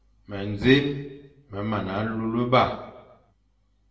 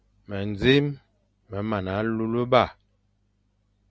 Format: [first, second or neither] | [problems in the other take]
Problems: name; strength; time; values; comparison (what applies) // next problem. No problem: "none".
second | room echo; dies away in 0.6 s